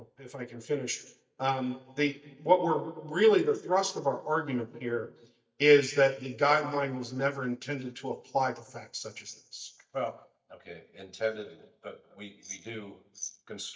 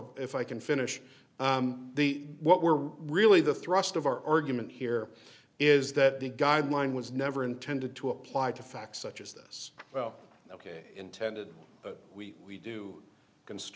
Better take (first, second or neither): second